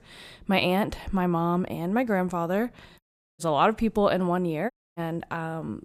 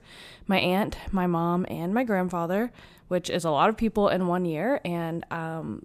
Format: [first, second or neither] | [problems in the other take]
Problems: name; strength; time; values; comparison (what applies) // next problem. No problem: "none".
second | audio cutting out; at 3 s and at 4.5 s